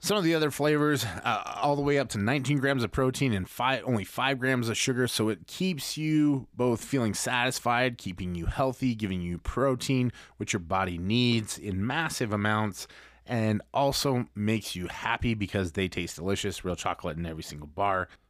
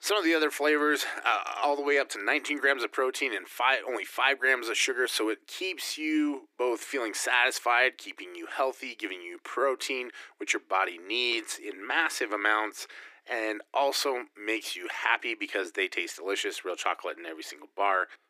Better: first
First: none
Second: thin; very; fading below 300 Hz

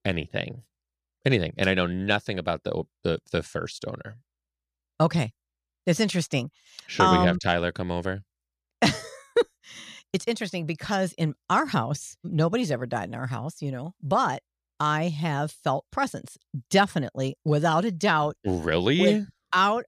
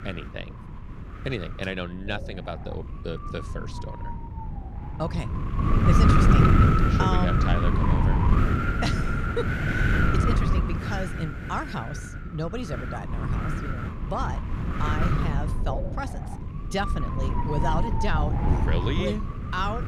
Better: first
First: none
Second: wind noise on the microphone; heavy; 3 dB above the speech

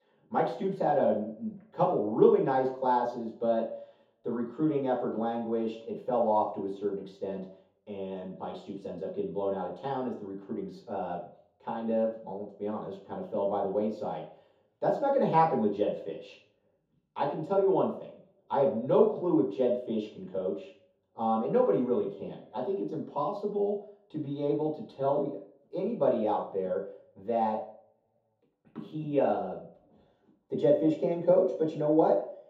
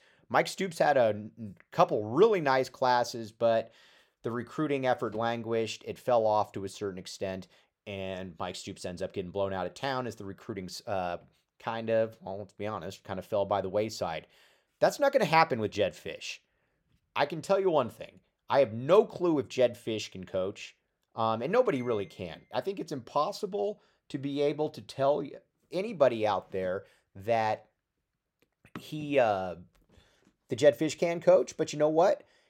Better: second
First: room echo; noticeable; dies away in 0.5 s // off-mic speech; far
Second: none

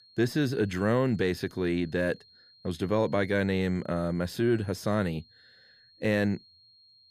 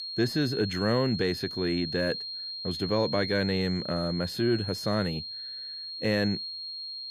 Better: first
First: high-pitched whine; faint; throughout; 4.5 kHz, 25 dB below the speech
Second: high-pitched whine; loud; throughout; 4.5 kHz, 5 dB below the speech

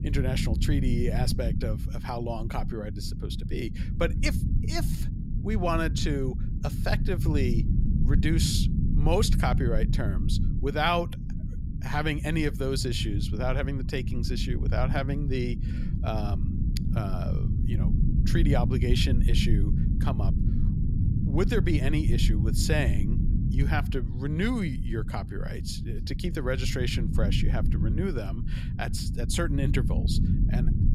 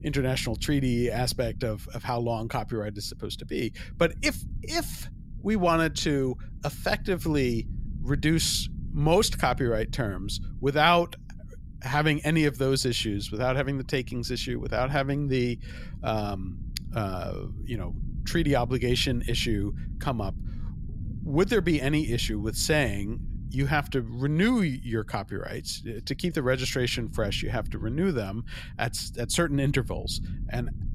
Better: second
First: low rumble; loud; throughout; 8 dB below the speech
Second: low rumble; faint; throughout; 25 dB below the speech

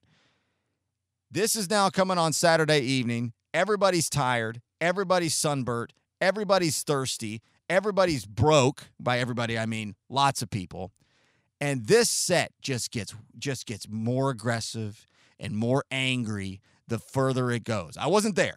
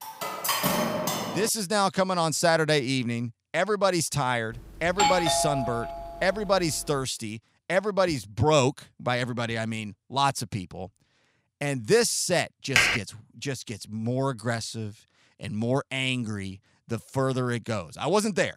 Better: first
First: none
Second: clattering dishes; loud; until 1.5 s; peak 2 dB above the speech // doorbell; loud; from 5 to 6 s; peak 3 dB above the speech // keyboard typing; loud; at 13 s; peak 6 dB above the speech

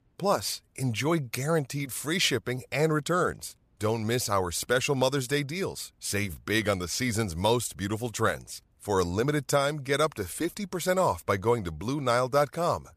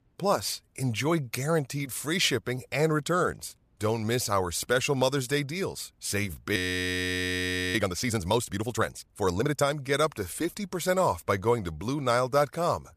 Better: first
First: none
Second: audio freezing; at 6.5 s for 1 s

